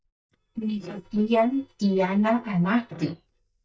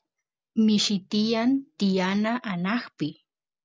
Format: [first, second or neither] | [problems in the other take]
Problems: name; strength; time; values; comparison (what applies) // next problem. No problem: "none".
second | noise reduction (neural mask model DeepFilterNet 3)